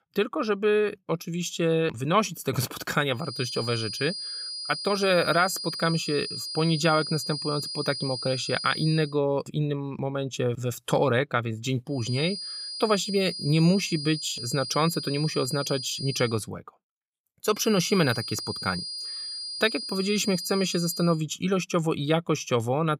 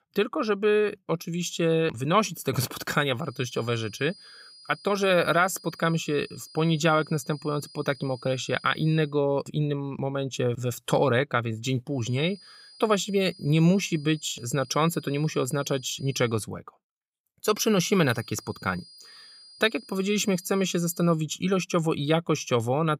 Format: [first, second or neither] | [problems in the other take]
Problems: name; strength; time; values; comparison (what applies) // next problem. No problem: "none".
second | high-pitched whine; loud; from 3.5 to 9 s, from 12 to 16 s and from 18 to 21 s; 5 kHz, 6 dB below the speech; faint in the second